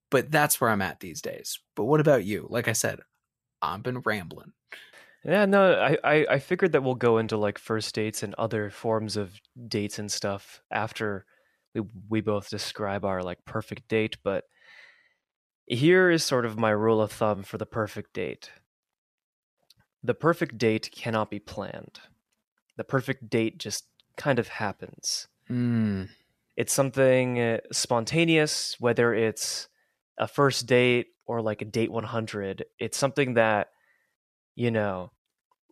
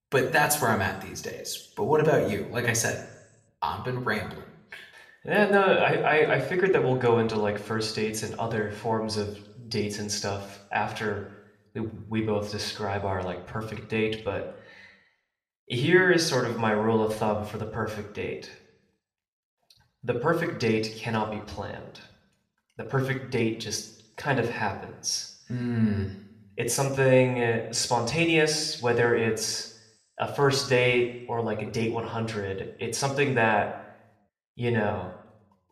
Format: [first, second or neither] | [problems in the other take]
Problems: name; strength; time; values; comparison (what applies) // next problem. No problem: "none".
first | room echo; slight; dies away in 0.6 s